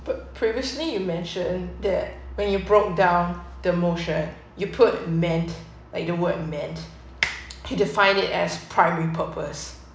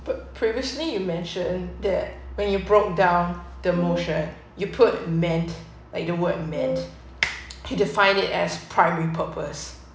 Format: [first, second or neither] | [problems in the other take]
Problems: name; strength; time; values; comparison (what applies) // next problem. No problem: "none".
first | background sound (Wind instrument, woodwind instrument); 5 dB below the speech